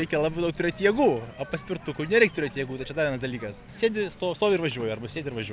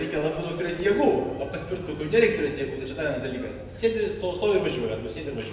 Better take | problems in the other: first | background sound (Engine starting / Car); 17 dB below the speech // room echo; dies away in 1 s

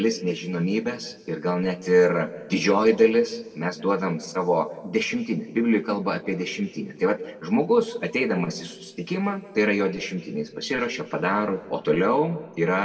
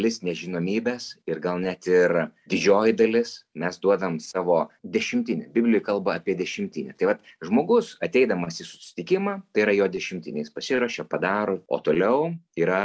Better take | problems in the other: second | room echo; dies away in 1.3 s

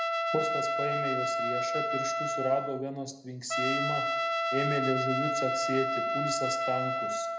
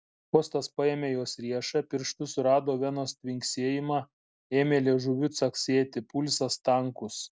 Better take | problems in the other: second | background sound (Trumpet); 4 dB above the speech // room echo; dies away in 0.7 s

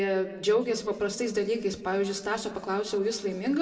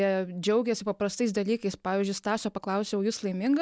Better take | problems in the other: second | room echo; dies away in 1.8 s

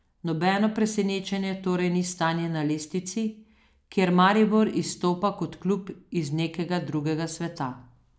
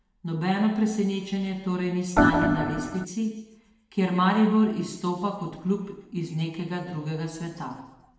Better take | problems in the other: first | background sound (Organ); 5 dB above the speech // room echo; dies away in 1 s

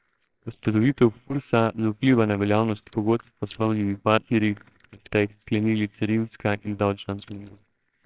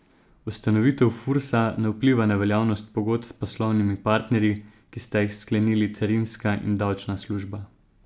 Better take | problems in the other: second | noise reduction (neural separator model SepFormer WHAMR!)

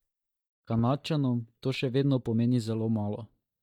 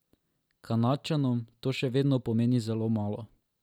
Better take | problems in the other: second | noise reduction (neural mask model DeepFilterNet 3)

